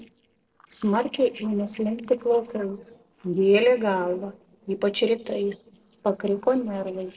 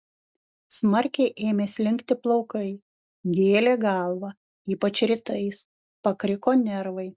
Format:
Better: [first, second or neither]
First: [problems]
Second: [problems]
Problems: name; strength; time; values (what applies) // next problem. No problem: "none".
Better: second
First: noise reduction (neural separator model SepFormer DNS4)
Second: none